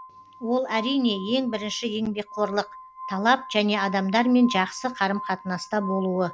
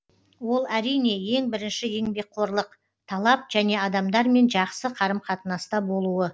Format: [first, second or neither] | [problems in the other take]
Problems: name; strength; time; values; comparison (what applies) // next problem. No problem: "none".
second | background sound (Glass); 15 dB below the speech